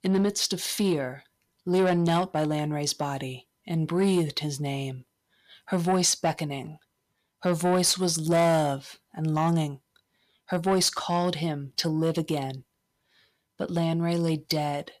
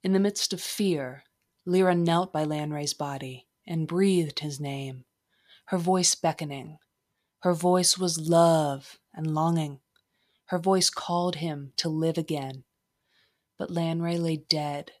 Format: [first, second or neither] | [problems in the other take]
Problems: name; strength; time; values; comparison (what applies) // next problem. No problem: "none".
second | distortion; slight; 10 dB below the speech